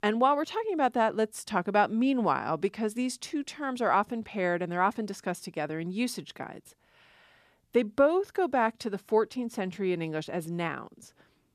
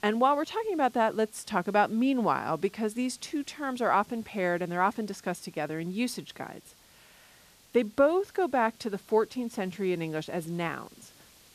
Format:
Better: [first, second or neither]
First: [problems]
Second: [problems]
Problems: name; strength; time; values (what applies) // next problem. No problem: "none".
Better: first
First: none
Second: hiss; faint; throughout; 25 dB below the speech